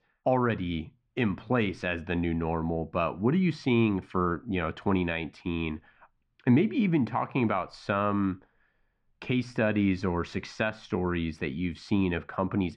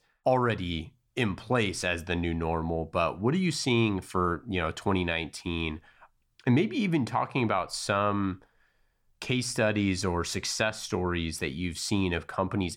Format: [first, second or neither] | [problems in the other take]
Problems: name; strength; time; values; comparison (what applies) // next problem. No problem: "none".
second | muffled; slightly; fading above 2.5 kHz